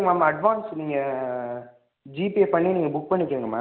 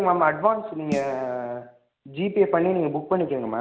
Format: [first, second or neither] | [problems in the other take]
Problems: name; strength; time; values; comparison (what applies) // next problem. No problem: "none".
first | background sound (Snare drum); 15 dB below the speech